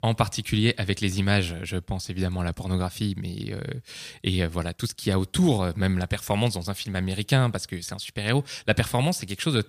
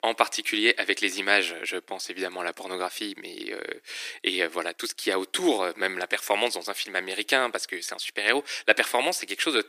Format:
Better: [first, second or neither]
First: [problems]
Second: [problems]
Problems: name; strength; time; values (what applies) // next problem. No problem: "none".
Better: first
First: none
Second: thin; very; fading below 300 Hz